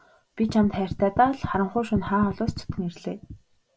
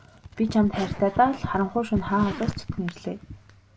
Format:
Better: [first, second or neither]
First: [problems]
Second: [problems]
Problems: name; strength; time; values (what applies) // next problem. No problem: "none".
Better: first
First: none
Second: background sound (Zipper (clothing)); 16 dB below the speech